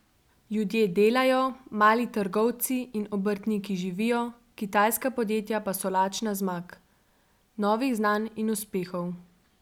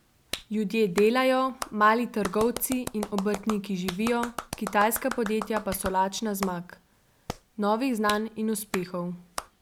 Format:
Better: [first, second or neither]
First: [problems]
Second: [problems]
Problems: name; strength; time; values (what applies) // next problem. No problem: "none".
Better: first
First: none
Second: background sound (Clapping); 12 dB below the speech